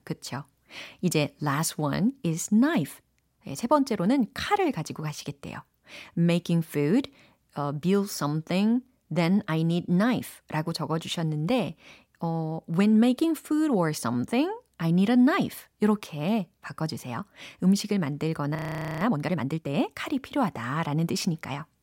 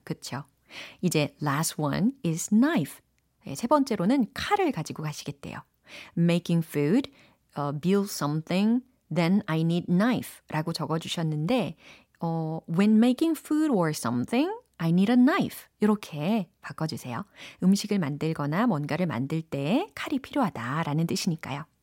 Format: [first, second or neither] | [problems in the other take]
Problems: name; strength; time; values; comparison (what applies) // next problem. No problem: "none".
second | audio freezing; at 19 s